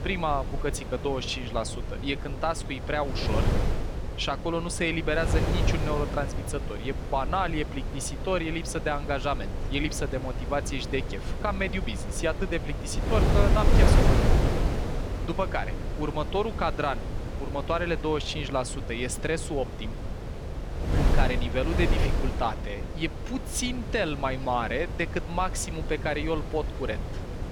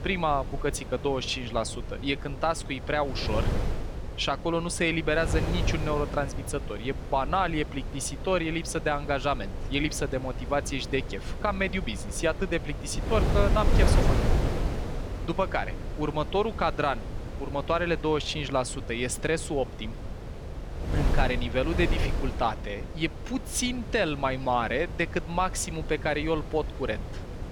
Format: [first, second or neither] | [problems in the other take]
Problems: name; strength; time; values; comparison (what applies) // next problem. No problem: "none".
second | wind noise on the microphone; heavy; 6 dB below the speech; occasional gusts in the second